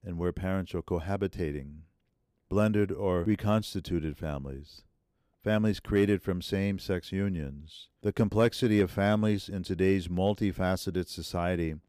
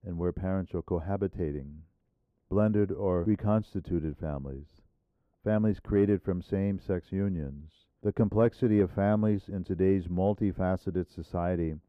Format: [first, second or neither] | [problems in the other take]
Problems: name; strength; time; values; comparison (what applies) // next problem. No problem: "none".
first | muffled; very; fading above 2 kHz